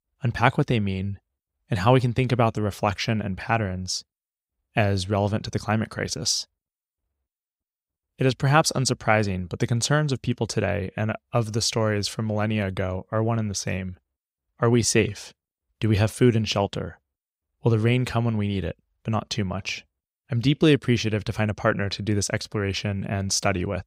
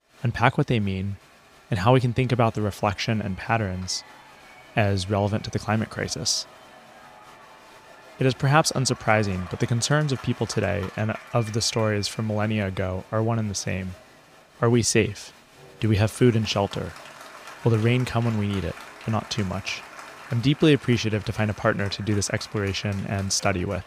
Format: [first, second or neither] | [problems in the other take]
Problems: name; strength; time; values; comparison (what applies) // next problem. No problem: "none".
first | crowd noise; noticeable; throughout; 20 dB below the speech